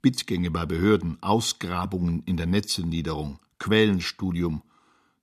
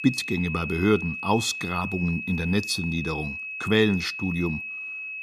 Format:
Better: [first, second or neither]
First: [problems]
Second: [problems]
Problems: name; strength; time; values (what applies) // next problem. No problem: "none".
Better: first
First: none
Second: high-pitched whine; loud; throughout; 2.5 kHz, 6 dB below the speech